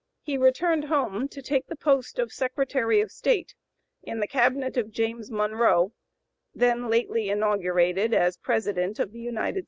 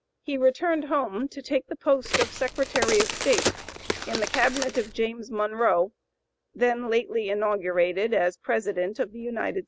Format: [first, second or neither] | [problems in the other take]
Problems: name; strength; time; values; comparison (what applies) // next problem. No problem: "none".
first | background sound (Crack); 4 dB below the speech